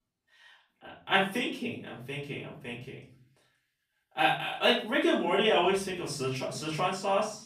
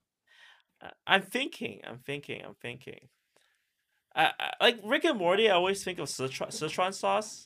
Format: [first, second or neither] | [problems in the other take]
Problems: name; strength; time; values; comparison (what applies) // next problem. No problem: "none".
second | off-mic speech; far // room echo; slight; dies away in 0.5 s